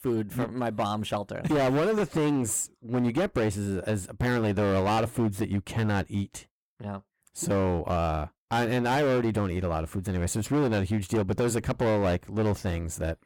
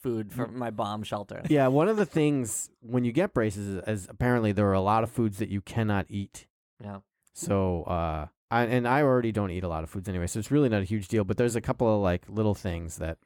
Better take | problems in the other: second | distortion; heavy; 15% of the sound clipped

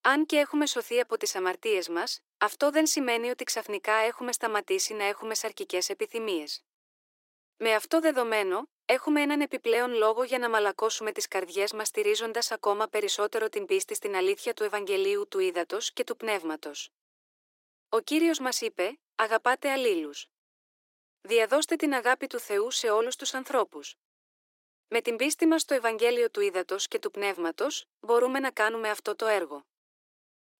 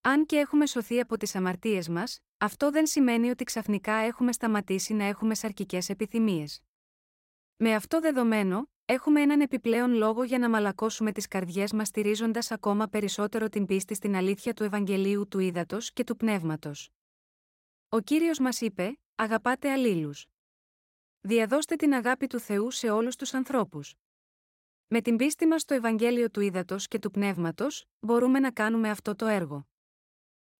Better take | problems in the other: second | thin; somewhat; fading below 350 Hz

